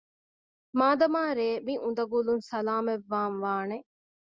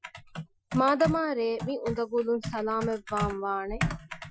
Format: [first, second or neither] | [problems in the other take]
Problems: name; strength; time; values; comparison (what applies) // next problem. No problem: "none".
first | noise reduction (classical method Wiener filter)